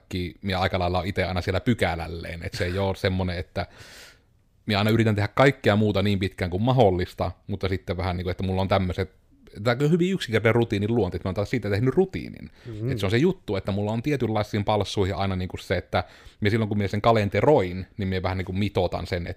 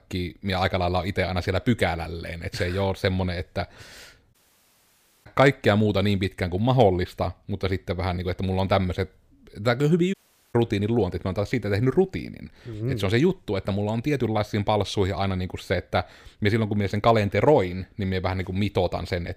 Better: first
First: none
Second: audio cutting out; at 4.5 s for 1 s and at 10 s

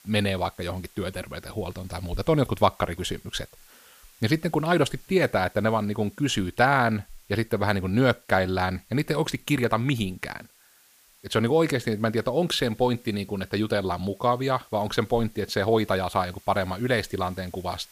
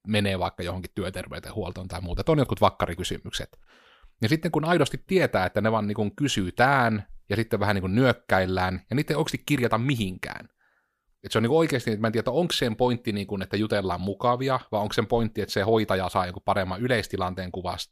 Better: second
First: hiss; faint; throughout; 25 dB below the speech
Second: none

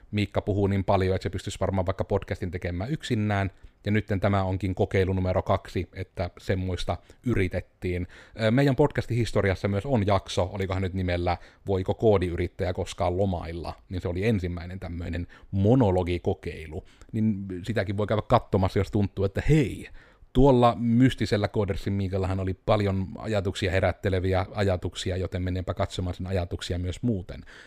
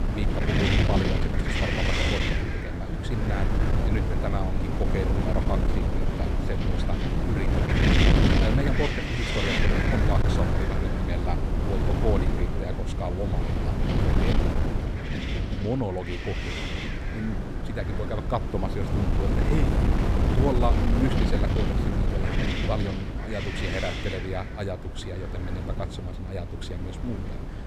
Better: first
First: none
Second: wind noise on the microphone; heavy; 3 dB above the speech

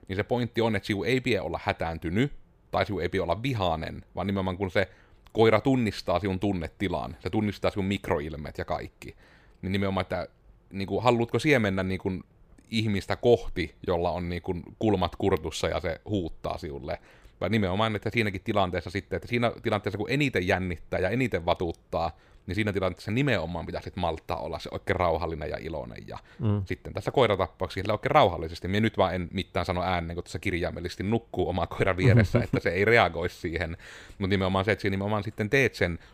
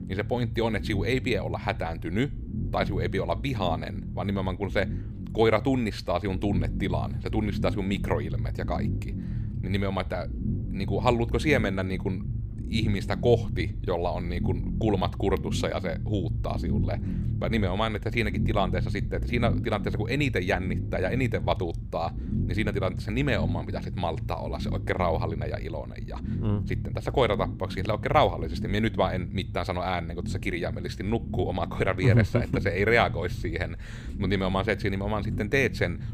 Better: first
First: none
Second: low rumble; noticeable; throughout; 15 dB below the speech

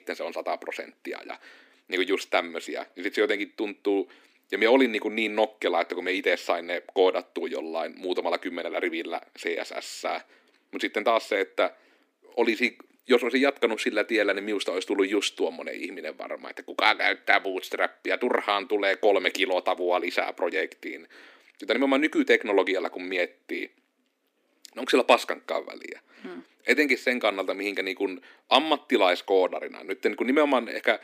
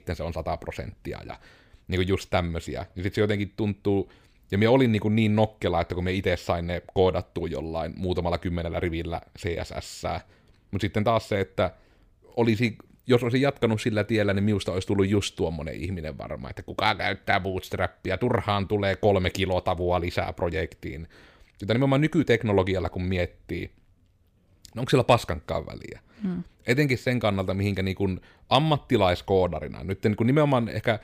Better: second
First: thin; somewhat; fading below 250 Hz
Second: none

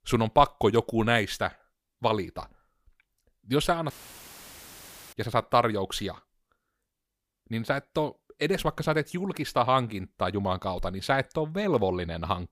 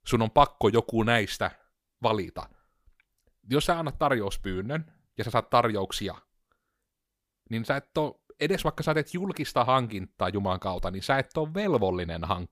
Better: second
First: audio cutting out; filled with static; at 4 s for 1 s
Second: none

